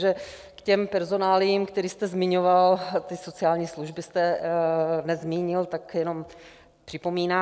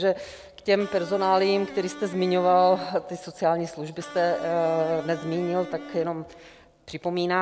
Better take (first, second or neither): first